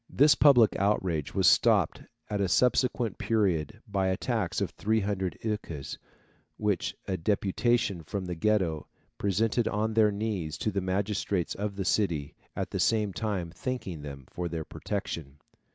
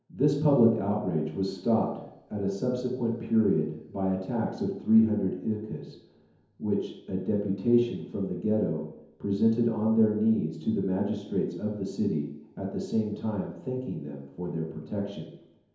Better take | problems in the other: first | room echo; dies away in 0.9 s

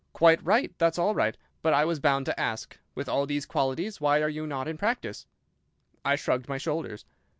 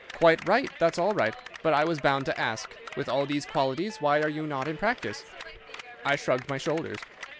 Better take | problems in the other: first | background sound (Clapping); 15 dB below the speech

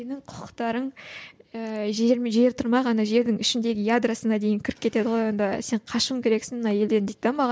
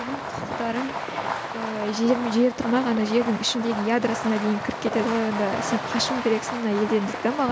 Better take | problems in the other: first | background sound (Fireworks); 6 dB below the speech

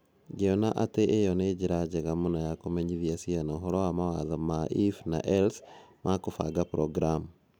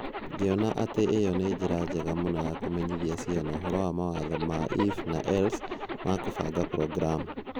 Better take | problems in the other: first | background sound (Zipper (clothing)); 7 dB below the speech

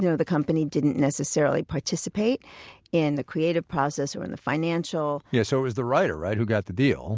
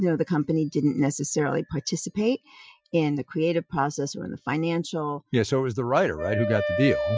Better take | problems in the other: first | noise reduction (classical method Wiener filter)

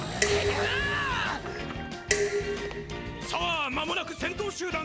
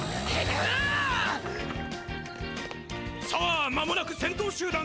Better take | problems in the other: second | background sound (Dishes, pots, and pans); 1 dB below the speech

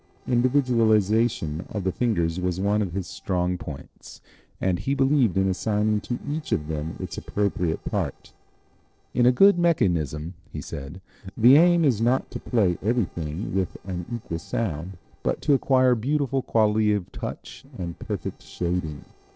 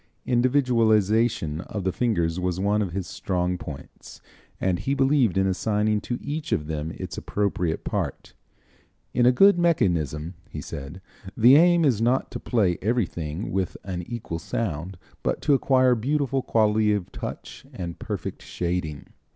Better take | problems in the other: second | noise reduction (neural separator model SepFormer DNS4)

